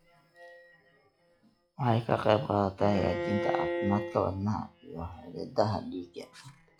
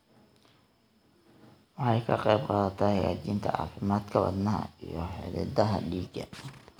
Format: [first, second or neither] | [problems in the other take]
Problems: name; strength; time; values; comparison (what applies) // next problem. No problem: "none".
second | noise reduction (classical method log-MMSE)